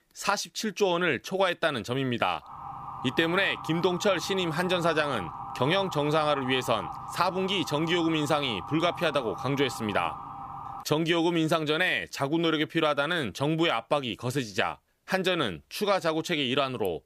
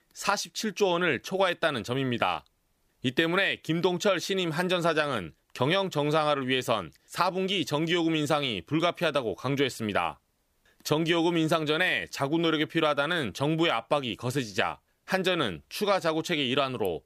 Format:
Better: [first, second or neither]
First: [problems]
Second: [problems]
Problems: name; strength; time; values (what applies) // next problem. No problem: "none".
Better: second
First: siren; faint; from 2.5 to 11 s; peak 10 dB below the speech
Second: none